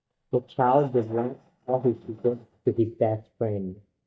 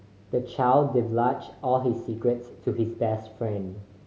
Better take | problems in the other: second | noise reduction (neural mask model DeepFilterNet 3)

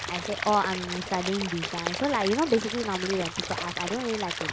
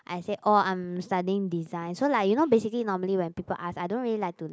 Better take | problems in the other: second | background sound (Stream / Liquid); 5 dB below the speech

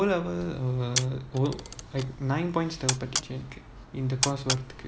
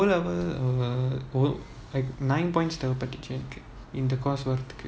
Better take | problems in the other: second | background sound (Camera); 6 dB below the speech

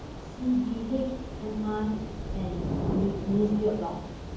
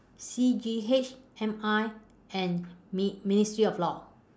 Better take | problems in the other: second | background sound (Thunder / Rain); 4 dB below the speech // room echo; dies away in 1.2 s

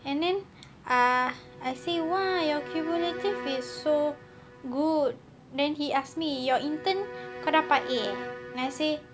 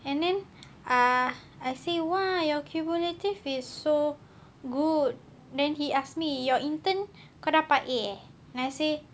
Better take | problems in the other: second | background sound (Bowed string instrument); 12 dB below the speech

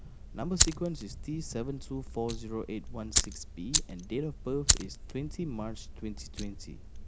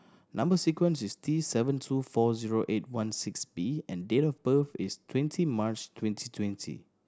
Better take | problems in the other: second | background sound (Fire); 3 dB above the speech

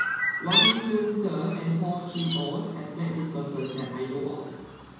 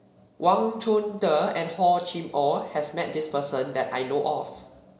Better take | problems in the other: second | background sound (Chirp, tweet); 1 dB below the speech // room echo; dies away in 1.2 s

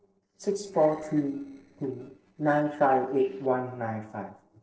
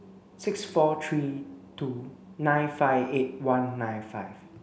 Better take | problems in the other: second | noise reduction (neural separator model SepFormer DNS4)

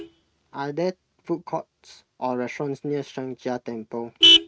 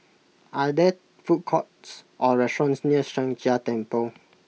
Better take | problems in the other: second | noise reduction (neural mask model RNNoise)

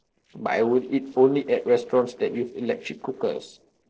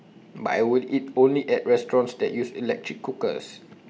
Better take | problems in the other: second | noise reduction (neural separator model SepFormer DNS4)

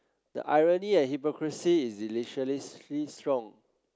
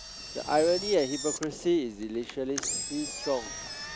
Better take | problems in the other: first | background sound (Engine); 7 dB below the speech

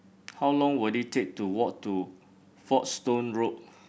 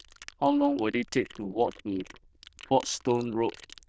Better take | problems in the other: first | noise reduction (neural diffusion model UNIVERSE++)

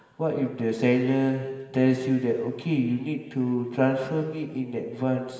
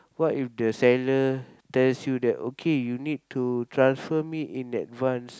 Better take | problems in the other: second | room echo; dies away in 1.5 s

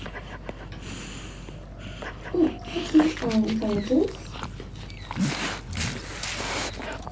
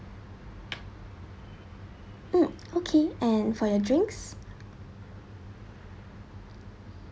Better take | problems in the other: second | background sound (Dog); 4 dB below the speech // room echo; dies away in 0.3 s

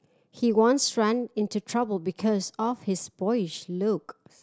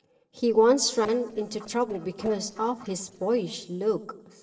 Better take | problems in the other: first | noise reduction (neural separator model SepFormer DNS4)

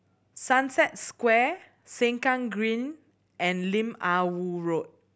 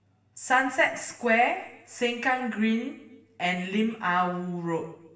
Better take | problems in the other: first | room echo; dies away in 0.9 s

